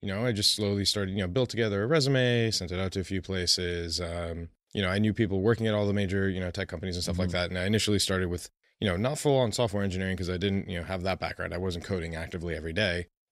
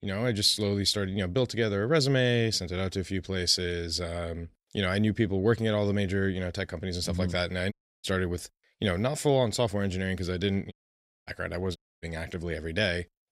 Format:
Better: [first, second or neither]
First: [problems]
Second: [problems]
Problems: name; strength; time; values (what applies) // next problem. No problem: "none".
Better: first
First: none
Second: audio cutting out; at 7.5 s, at 11 s for 0.5 s and at 12 s